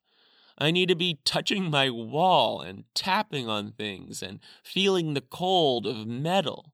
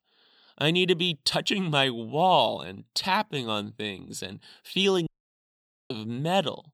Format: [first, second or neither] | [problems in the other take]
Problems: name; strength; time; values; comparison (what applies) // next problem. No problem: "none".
first | audio cutting out; at 5 s for 1 s